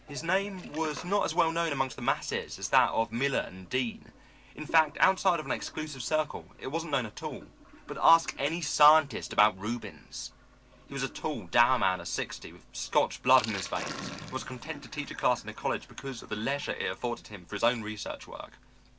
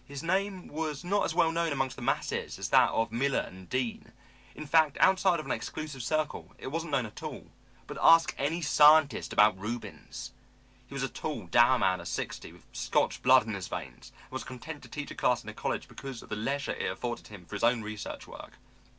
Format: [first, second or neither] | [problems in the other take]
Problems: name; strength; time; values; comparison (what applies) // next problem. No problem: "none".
second | background sound (Sink (filling or washing)); 19 dB below the speech